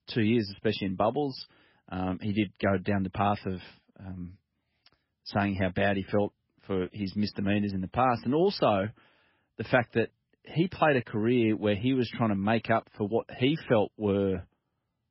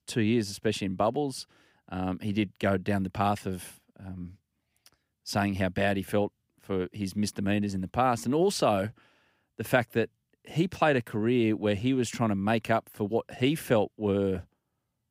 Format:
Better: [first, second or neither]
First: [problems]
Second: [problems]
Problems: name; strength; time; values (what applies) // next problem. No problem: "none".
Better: second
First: garbled, watery; badly; nothing above 5.5 kHz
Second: none